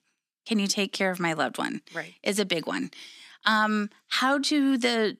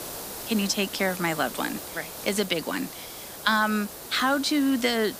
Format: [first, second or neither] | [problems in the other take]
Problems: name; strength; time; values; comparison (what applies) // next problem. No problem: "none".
first | hiss; noticeable; throughout; 10 dB below the speech